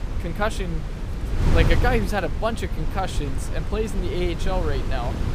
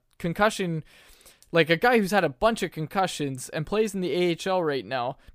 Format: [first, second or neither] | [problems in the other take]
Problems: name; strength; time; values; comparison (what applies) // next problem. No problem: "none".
second | wind noise on the microphone; heavy; 8 dB below the speech